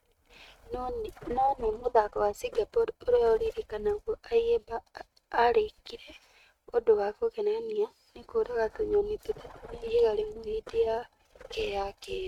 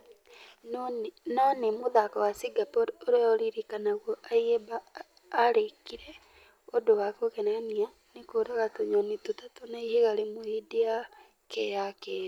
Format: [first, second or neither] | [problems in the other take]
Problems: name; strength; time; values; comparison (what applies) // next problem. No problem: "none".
second | noise reduction (neural mask model RNNoise)